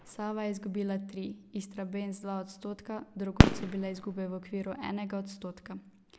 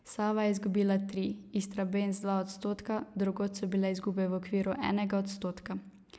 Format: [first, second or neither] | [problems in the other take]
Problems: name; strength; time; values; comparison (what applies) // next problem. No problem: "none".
second | background sound (Fireworks); 4 dB above the speech